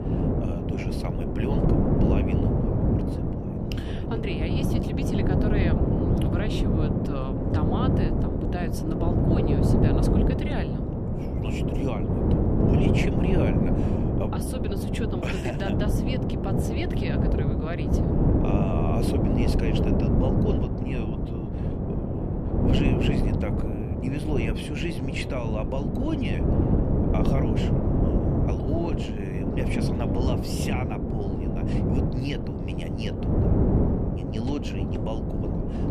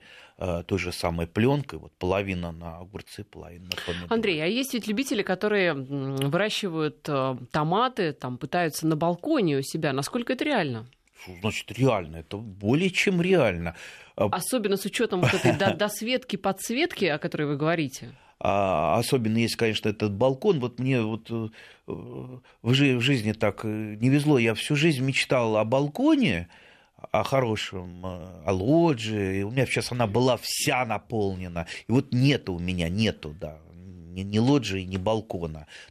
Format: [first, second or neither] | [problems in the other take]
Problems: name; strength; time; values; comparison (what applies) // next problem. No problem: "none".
second | wind noise on the microphone; heavy; 4 dB above the speech